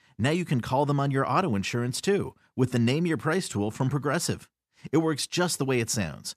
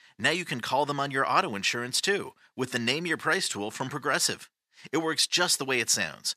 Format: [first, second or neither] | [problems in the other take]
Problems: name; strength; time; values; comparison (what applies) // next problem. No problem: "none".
first | thin; somewhat; fading below 750 Hz